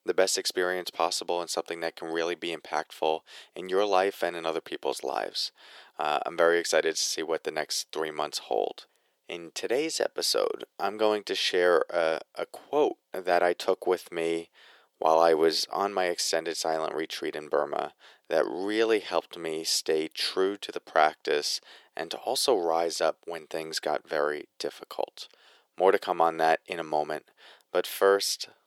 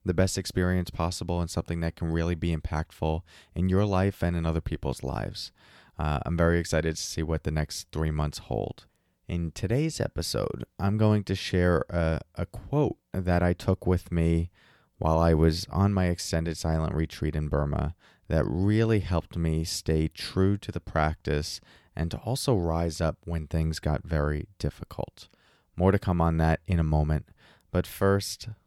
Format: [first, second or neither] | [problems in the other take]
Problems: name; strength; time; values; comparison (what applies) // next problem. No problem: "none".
second | thin; very; fading below 400 Hz